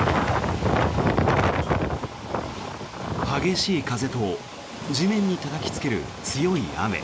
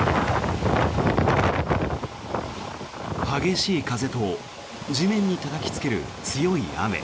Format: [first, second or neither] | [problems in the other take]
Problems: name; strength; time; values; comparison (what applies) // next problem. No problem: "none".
second | background sound (Sliding door + Breathing); 19 dB below the speech